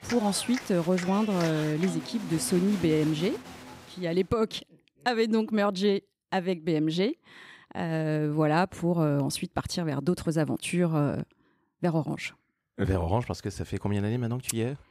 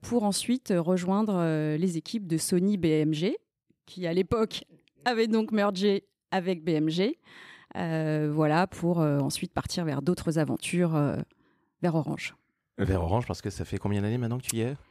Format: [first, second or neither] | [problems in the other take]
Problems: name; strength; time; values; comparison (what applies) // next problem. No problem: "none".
second | crowd noise; noticeable; until 4 s; 10 dB below the speech